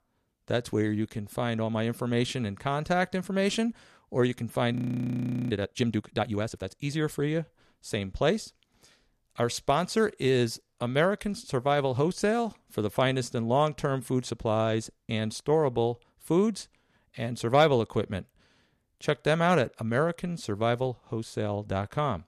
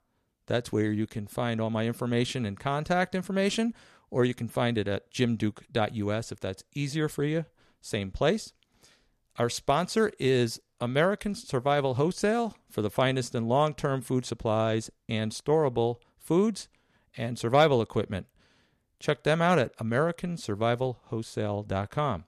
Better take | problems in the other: second | audio freezing; at 4.5 s for 1 s

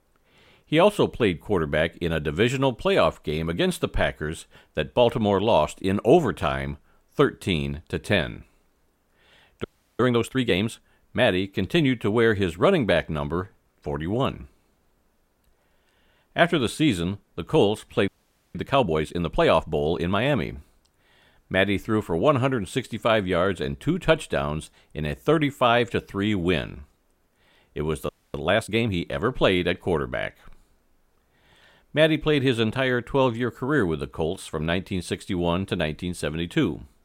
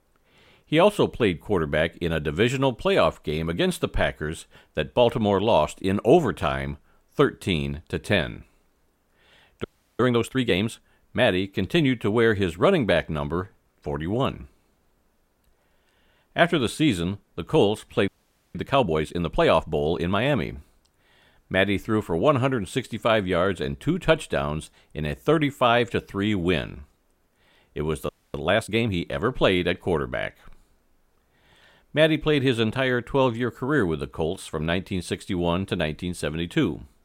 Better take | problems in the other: neither | audio freezing; at 9.5 s, at 18 s and at 28 s; the same in both

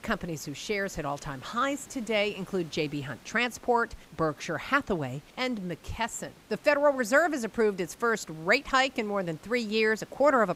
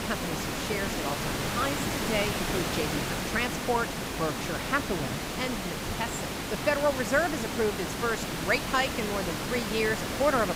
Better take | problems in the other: first | hiss; loud; throughout; 1 dB below the speech; faint in the first

